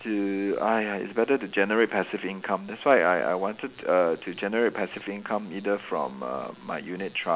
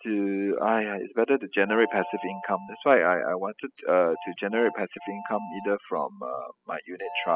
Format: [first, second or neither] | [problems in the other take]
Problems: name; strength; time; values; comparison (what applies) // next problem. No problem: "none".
first | noise reduction (classical method spectral subtraction)